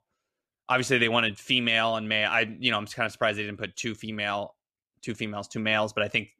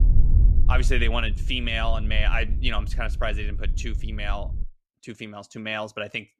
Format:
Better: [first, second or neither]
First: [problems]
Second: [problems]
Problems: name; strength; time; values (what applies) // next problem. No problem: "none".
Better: first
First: none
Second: wind noise on the microphone; occasional gusts; until 4.5 s; 15 dB below the speech